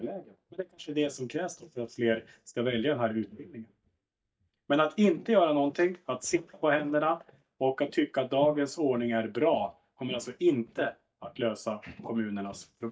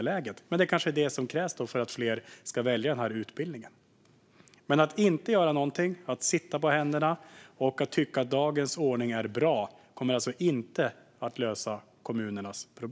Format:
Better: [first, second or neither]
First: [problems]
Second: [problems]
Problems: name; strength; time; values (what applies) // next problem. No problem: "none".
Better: second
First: noise reduction (neural mask model DeepFilterNet 3)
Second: none